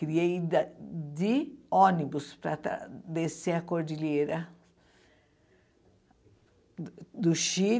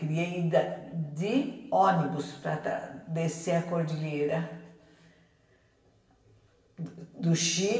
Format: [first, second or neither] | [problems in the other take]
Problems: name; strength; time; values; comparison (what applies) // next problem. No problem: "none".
first | room echo; dies away in 1 s